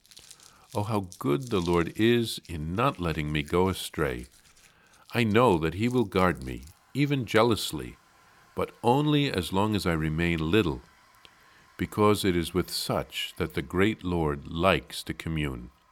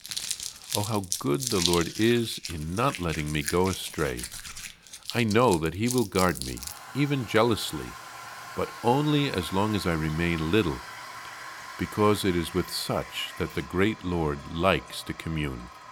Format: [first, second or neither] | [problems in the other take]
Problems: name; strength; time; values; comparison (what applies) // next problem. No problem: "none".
first | household noises; loud; throughout; 9 dB below the speech; faint in the first